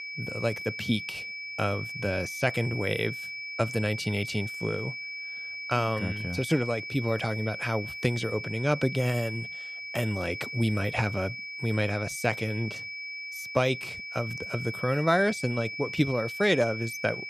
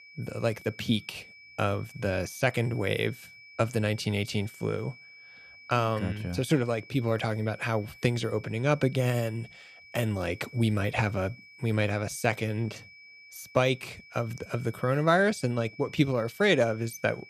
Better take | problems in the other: second | high-pitched whine; loud; throughout; 2.5 kHz, 6 dB below the speech; faint in the second

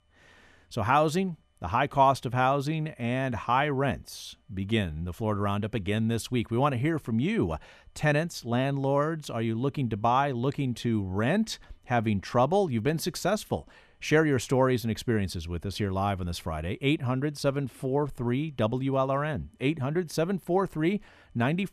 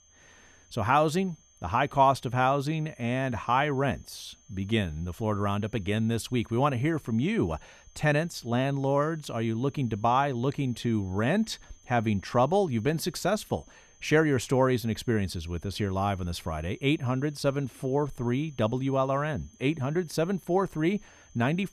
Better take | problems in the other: first | high-pitched whine; faint; throughout; 6.5 kHz, 30 dB below the speech

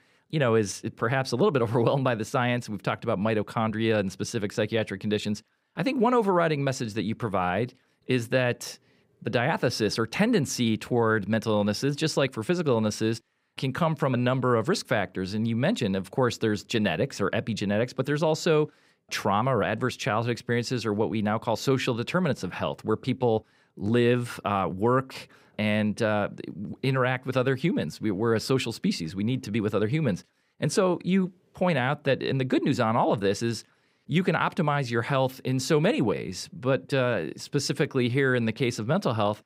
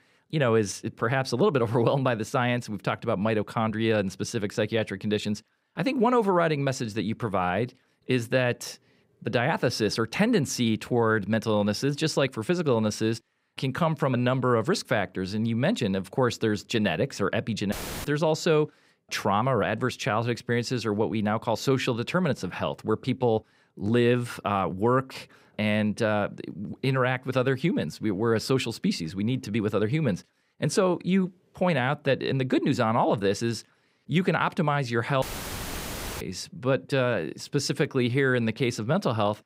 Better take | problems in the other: first | audio cutting out; filled with static; at 18 s and at 35 s for 1 s

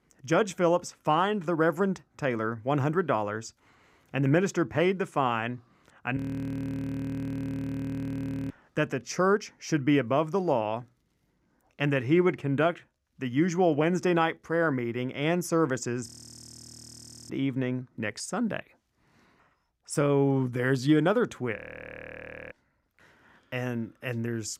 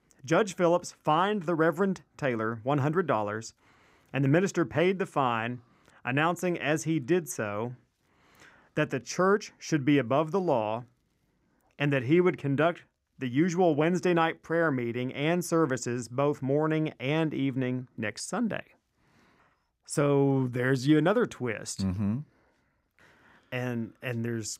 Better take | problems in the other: second | audio freezing; at 6 s for 2.5 s, at 16 s for 1 s and at 22 s for 1 s

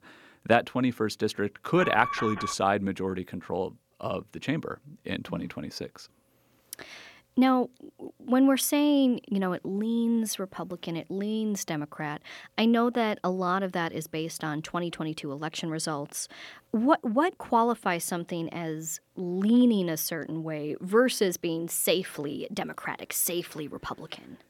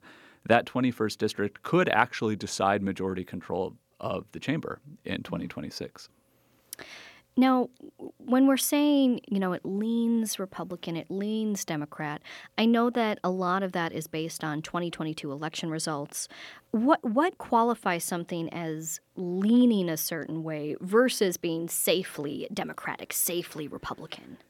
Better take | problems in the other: second | alarm; noticeable; at 2 s; peak 5 dB below the speech

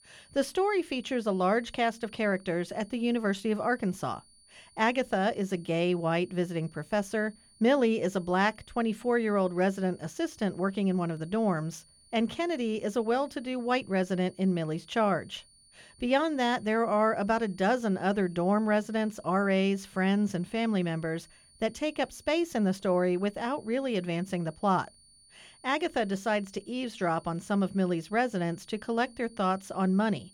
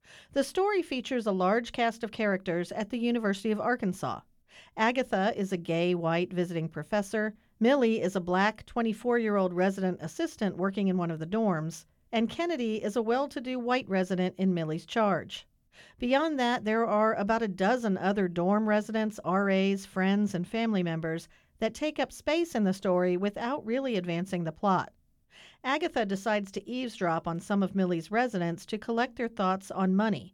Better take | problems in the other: second | high-pitched whine; faint; throughout; 9.5 kHz, 30 dB below the speech

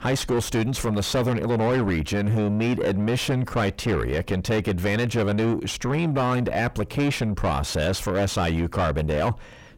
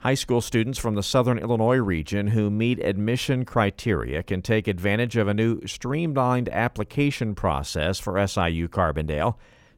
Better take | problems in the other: second | distortion; heavy; 5 dB below the speech

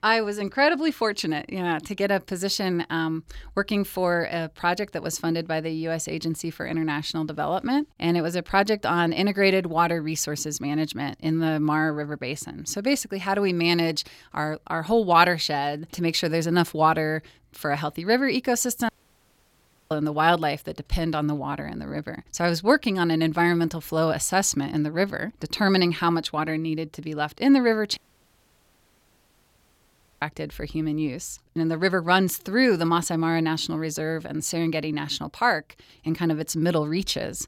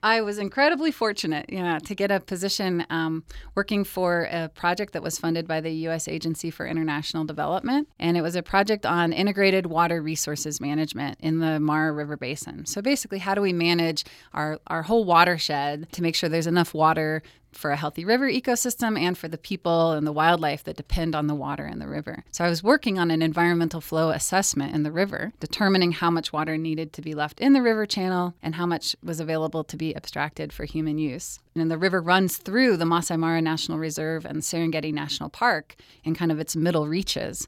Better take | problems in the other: second | audio cutting out; at 19 s for 1 s and at 28 s for 2.5 s

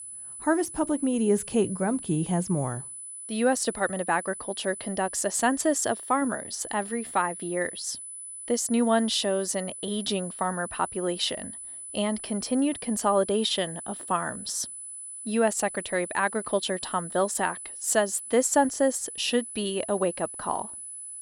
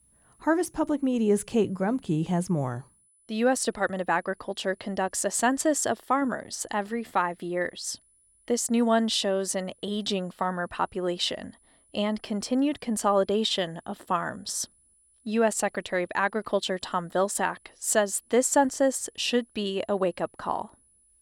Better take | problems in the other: second | high-pitched whine; loud; throughout; 10 kHz, 10 dB below the speech; faint in the second

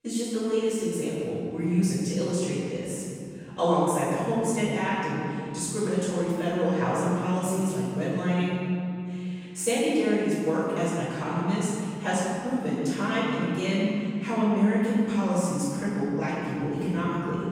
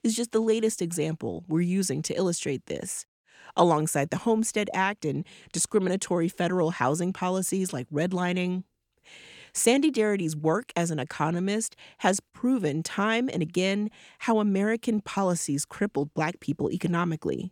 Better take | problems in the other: second | off-mic speech; far // room echo; strong; dies away in 2.5 s

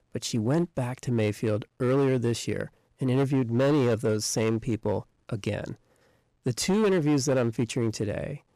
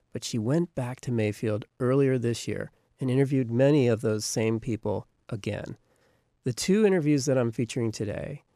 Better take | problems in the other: second | distortion; slight; 8% of the sound clipped

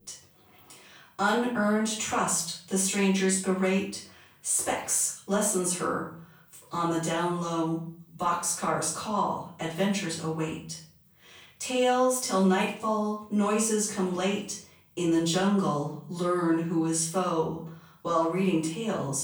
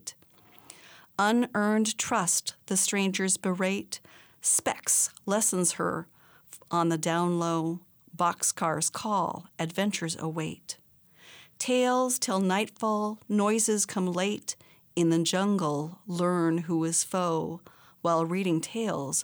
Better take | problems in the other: second | off-mic speech; far // room echo; noticeable; dies away in 0.4 s

